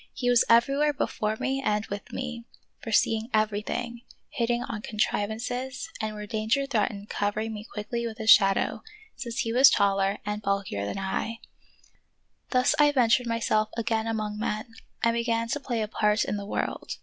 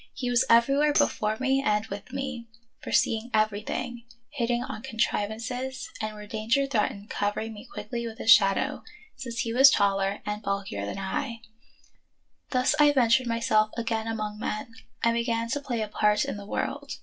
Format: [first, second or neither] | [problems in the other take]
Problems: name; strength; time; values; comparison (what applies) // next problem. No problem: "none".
first | noise reduction (neural separator model SepFormer DNS4)